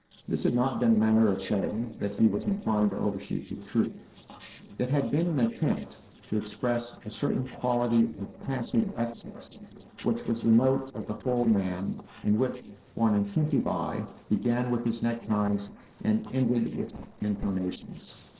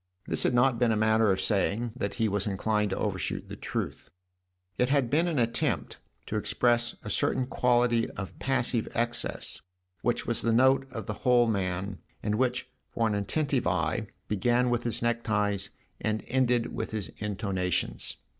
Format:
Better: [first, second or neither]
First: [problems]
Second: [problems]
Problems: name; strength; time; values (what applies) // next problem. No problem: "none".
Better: second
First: noise reduction (neural separator model SepFormer DNS4)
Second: none